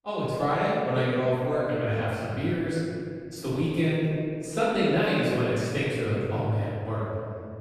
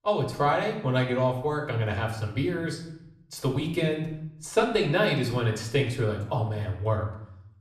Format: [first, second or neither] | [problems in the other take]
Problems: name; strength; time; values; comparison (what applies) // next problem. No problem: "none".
second | room echo; strong; dies away in 2.2 s; slight in the second // off-mic speech; far; far in the second